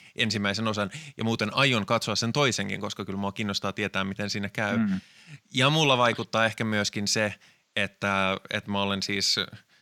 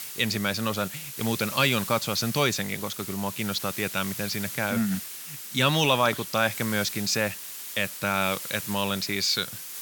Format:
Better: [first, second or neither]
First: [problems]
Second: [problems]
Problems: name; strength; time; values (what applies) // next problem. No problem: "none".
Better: first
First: none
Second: hiss; loud; throughout; 8 dB below the speech